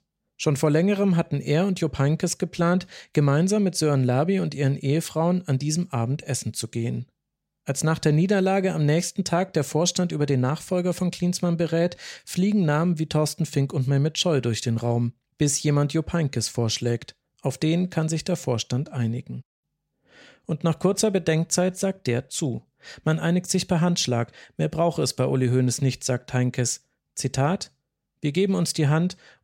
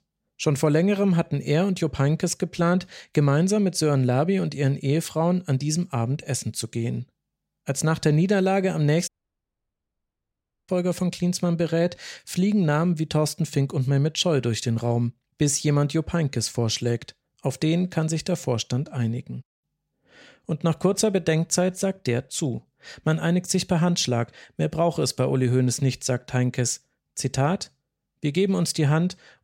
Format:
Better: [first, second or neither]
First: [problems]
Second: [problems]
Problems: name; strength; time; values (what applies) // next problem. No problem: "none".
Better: first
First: none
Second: audio cutting out; at 9 s for 1.5 s